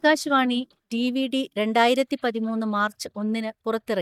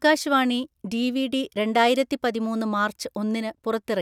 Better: second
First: noise reduction (neural mask model DeepFilterNet 3)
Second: none

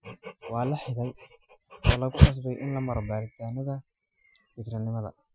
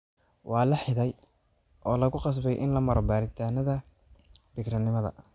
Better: second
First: noise reduction (classical method Wiener filter)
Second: none

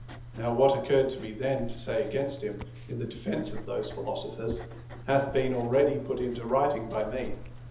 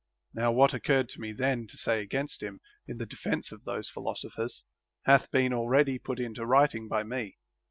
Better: second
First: background sound (Writing); 11 dB below the speech // room echo; dies away in 0.7 s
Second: none

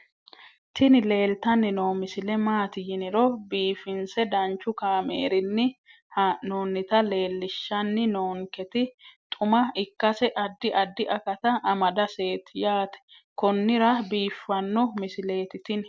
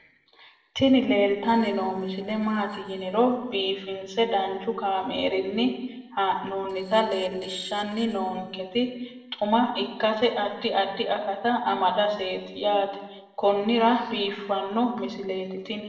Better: first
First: none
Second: noise reduction (neural separator model SepFormer DNS4)

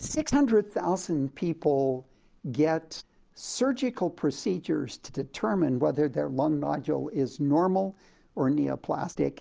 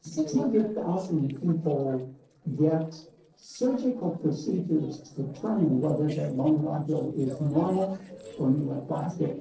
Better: first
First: none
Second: noise reduction (neural separator model SepFormer DNS4)

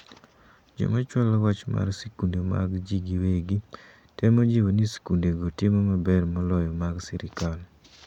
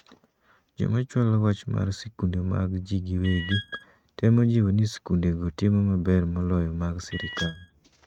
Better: first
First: none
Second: noise reduction (neural mask model RNNoise)

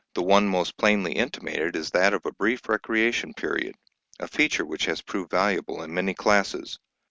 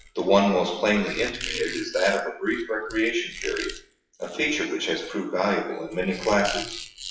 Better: first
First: none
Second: noise reduction (classical method WPE with log-MMSE)

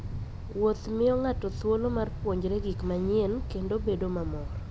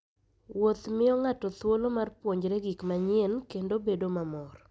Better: second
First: background sound (Wind); 6 dB below the speech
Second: none

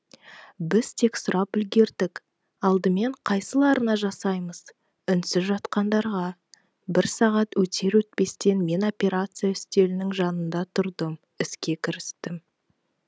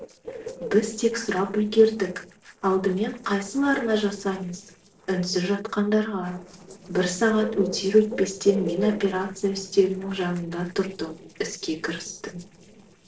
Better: first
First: none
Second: noise reduction (neural separator model SepFormer DNS4)

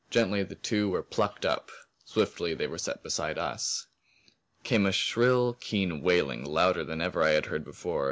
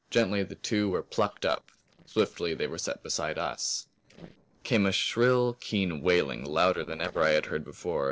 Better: first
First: none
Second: noise reduction (neural separator model SepFormer DNS4)

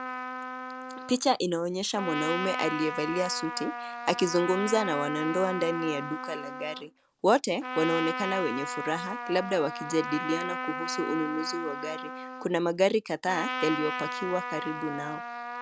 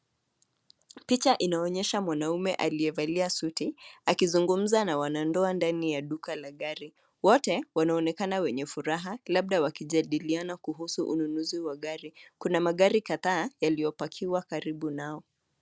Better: second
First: background sound (Trumpet); 6 dB below the speech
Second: none

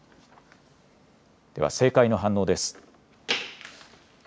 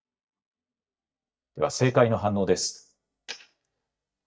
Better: first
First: none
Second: noise reduction (neural mask model DeepFilterNet 3)

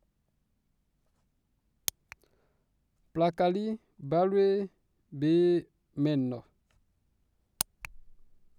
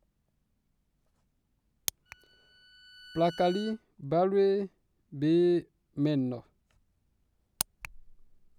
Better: first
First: none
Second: background sound (Bowed string instrument); 20 dB below the speech

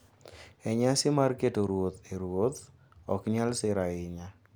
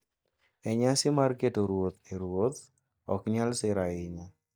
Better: first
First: none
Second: noise reduction (neural mask model DeepFilterNet 3)

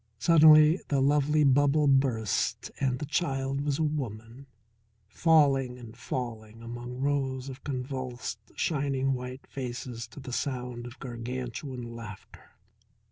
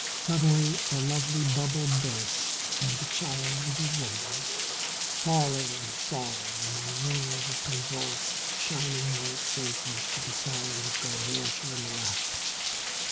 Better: first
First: none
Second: background sound (Rain); as loud as the speech

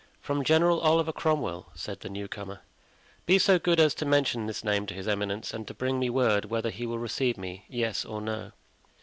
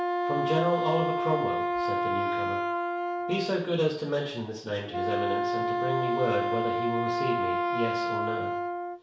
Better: first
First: none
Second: background sound (Wind instrument, woodwind instrument); 2 dB above the speech // room echo; dies away in 0.6 s

